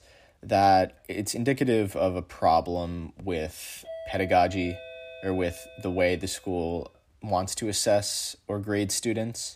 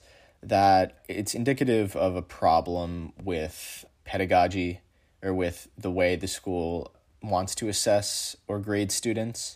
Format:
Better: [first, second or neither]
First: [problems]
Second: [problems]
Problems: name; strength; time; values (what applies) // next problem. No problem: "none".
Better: second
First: doorbell; faint; from 4 to 6.5 s; peak 10 dB below the speech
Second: none